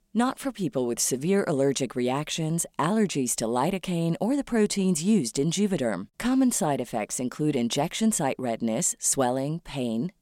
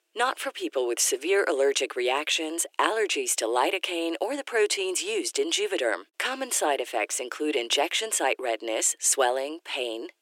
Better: first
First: none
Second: thin; very; fading below 300 Hz

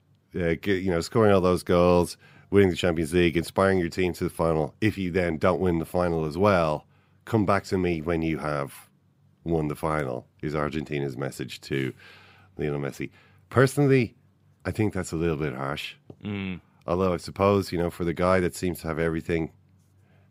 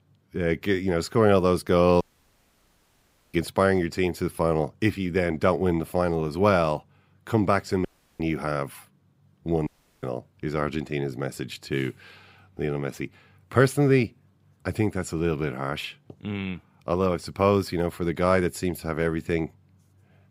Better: first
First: none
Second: audio cutting out; at 2 s for 1.5 s, at 8 s and at 9.5 s

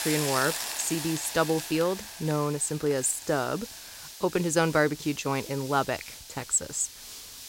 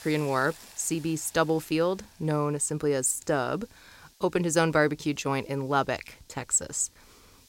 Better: second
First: hiss; loud; throughout; 9 dB below the speech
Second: hiss; faint; throughout; 25 dB below the speech

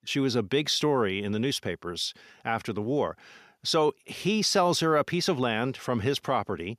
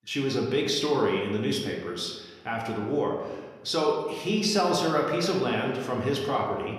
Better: first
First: none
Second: room echo; noticeable; dies away in 1 s // off-mic speech; somewhat distant

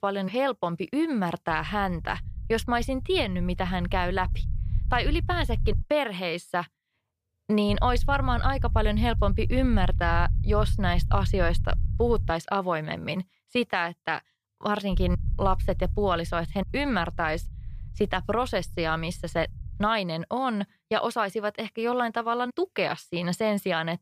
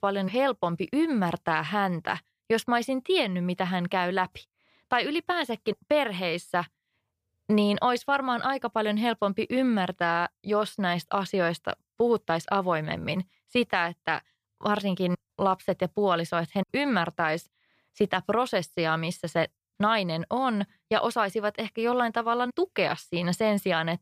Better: second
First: low rumble; faint; from 1.5 to 6 s, from 7.5 to 12 s and from 15 to 20 s; 20 dB below the speech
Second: none

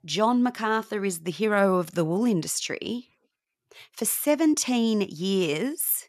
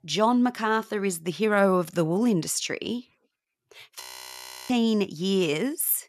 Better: first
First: none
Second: audio freezing; at 4 s for 0.5 s

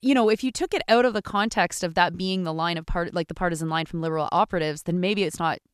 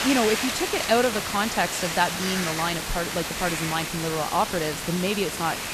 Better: first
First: none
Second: hiss; loud; throughout; 2 dB below the speech

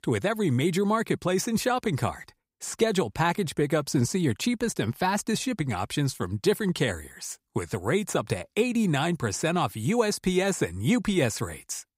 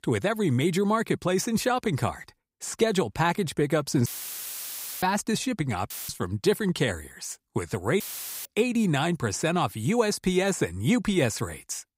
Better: first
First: none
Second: audio cutting out; filled with static; at 4 s for 1 s, at 6 s and at 8 s

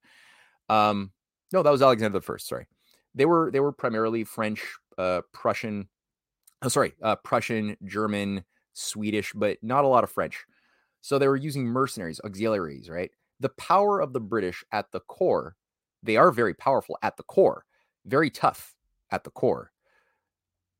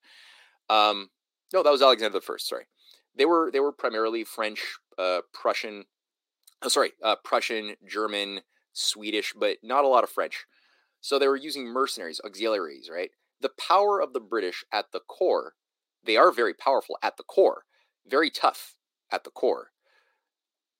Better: first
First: none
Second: thin; somewhat; fading below 300 Hz

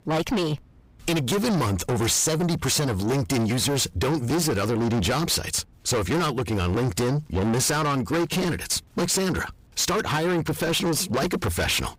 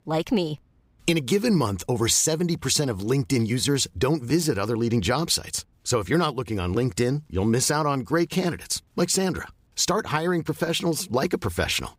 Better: second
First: distortion; heavy; 6 dB below the speech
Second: none

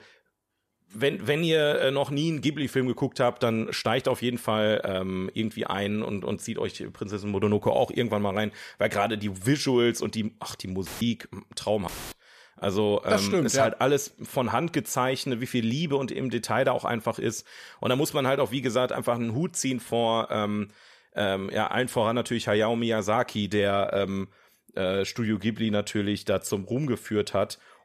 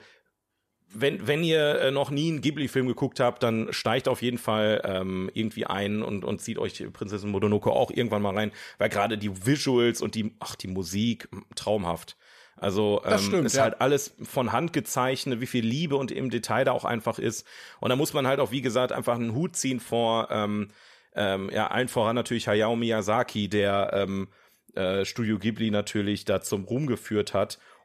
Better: second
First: audio cutting out; filled with static; at 11 s and at 12 s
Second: none

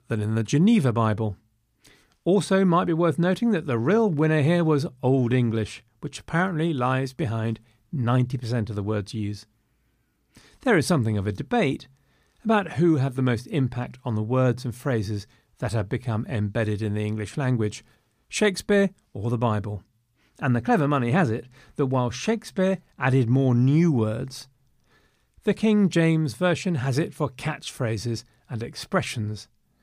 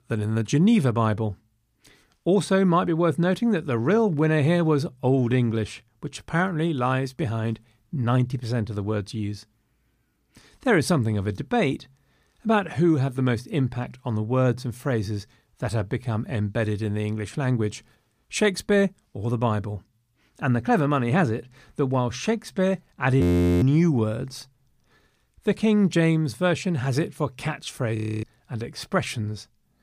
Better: first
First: none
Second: audio freezing; at 23 s and at 28 s

